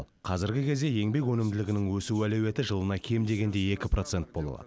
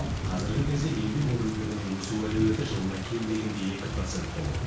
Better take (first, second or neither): first